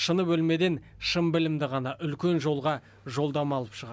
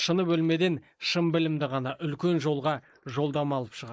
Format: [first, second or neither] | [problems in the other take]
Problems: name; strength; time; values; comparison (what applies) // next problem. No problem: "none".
first | noise reduction (neural mask model Resemble Enhance denoiser)